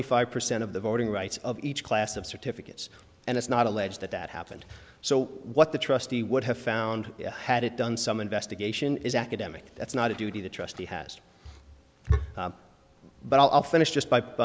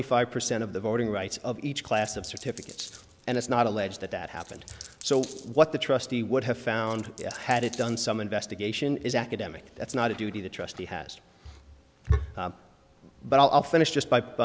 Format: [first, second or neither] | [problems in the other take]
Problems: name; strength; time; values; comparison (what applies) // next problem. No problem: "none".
first | background sound (Coin (dropping)); 19 dB below the speech